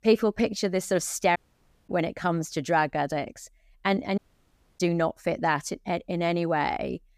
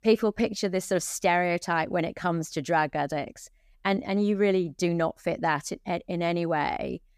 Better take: second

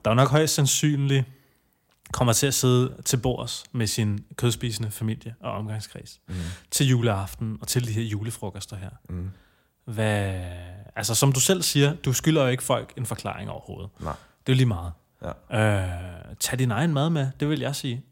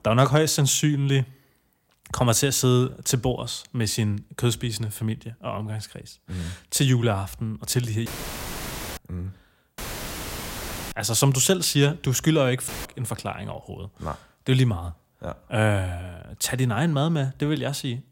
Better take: first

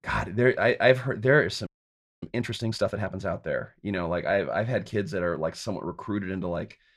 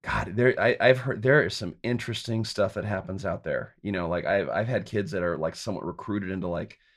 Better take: second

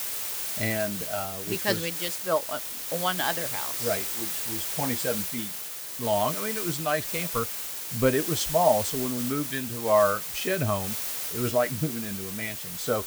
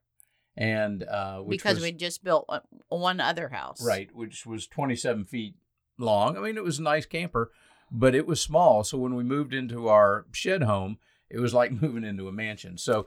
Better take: second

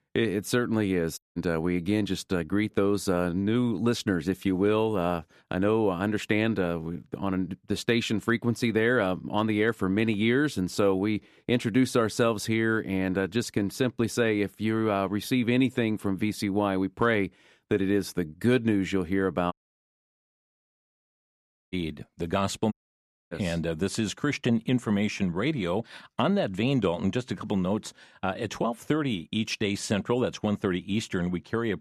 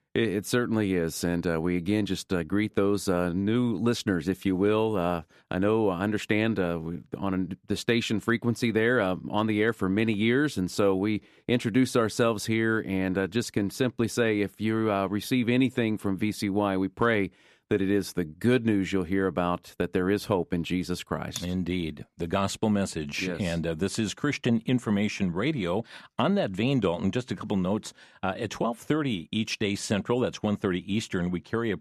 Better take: second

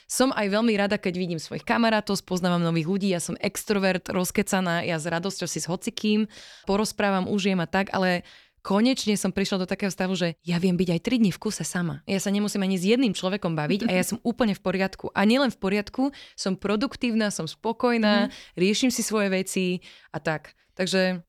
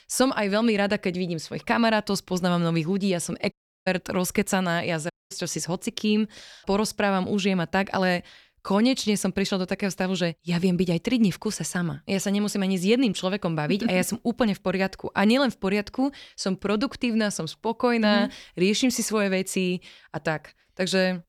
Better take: first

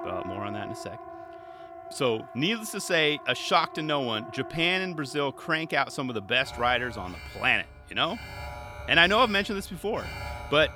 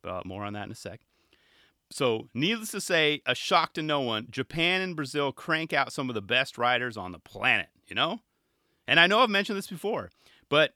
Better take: second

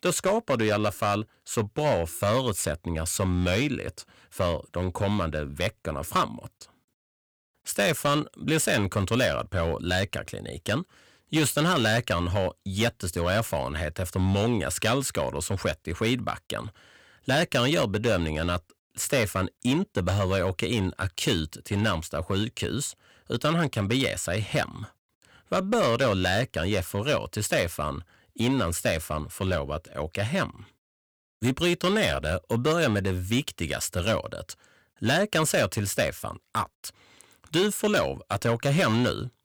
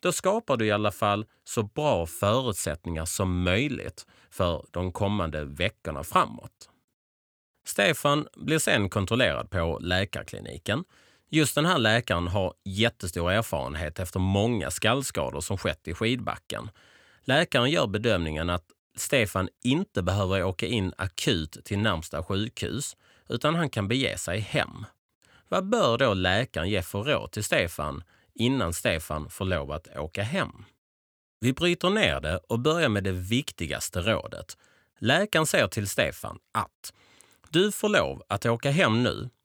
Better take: second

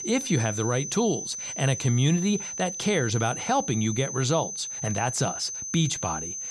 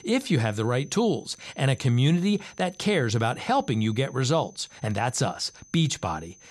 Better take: second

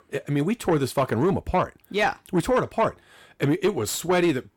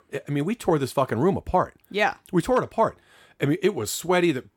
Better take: second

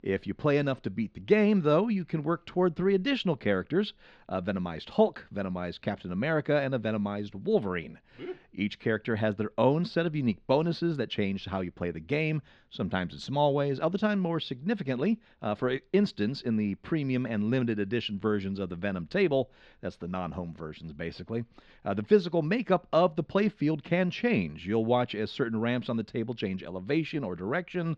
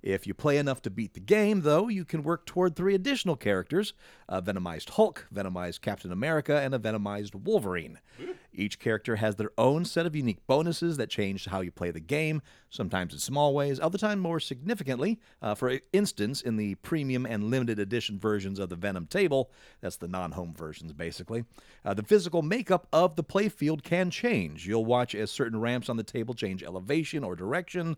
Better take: second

